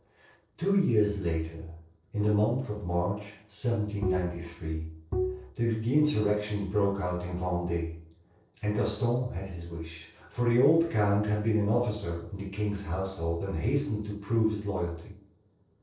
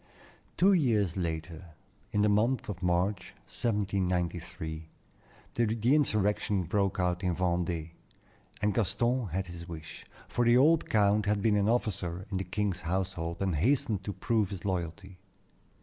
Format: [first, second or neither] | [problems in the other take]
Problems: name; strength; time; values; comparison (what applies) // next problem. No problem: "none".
second | noise reduction (neural separator model SepFormer DNS4)